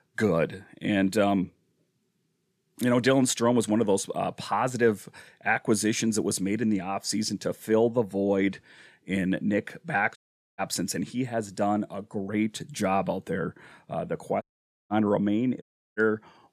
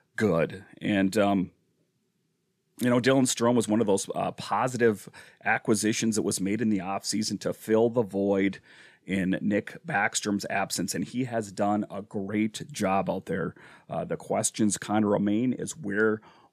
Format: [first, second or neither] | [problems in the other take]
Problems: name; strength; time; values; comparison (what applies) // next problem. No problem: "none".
second | audio cutting out; at 10 s, at 14 s and at 16 s